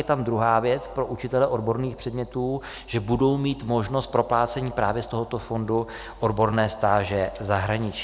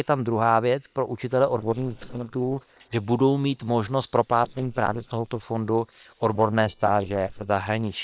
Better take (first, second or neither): first